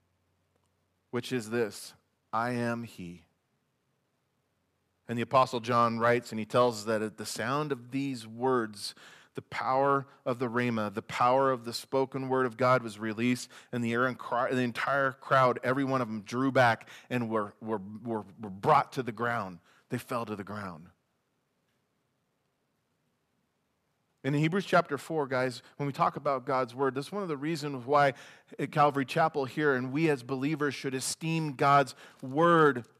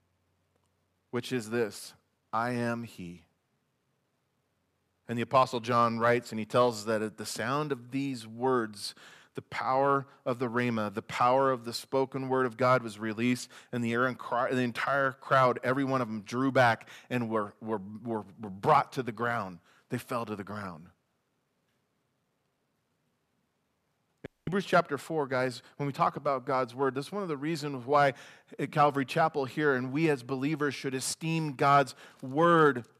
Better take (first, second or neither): first